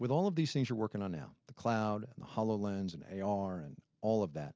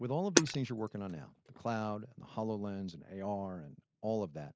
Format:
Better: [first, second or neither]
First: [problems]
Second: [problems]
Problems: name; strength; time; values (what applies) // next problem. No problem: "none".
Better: first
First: none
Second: noise reduction (neural mask model Resemble Enhance denoiser)